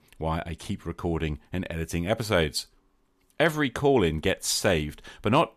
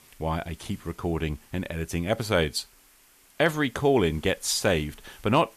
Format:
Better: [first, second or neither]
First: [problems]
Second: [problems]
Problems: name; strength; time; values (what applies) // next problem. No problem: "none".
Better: first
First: none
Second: hiss; faint; throughout; 25 dB below the speech